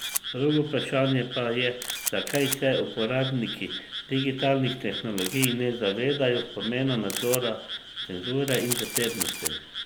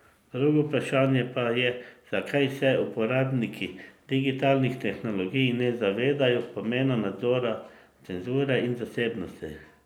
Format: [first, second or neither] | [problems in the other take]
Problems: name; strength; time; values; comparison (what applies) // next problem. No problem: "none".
second | background sound (Camera + Frog); 7 dB below the speech